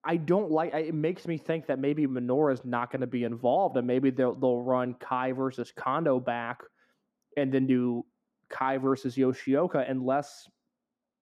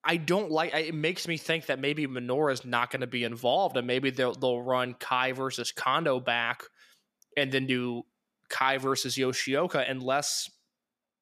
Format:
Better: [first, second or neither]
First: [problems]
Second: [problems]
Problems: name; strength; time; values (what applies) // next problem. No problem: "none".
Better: second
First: muffled; very; fading above 2 kHz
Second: none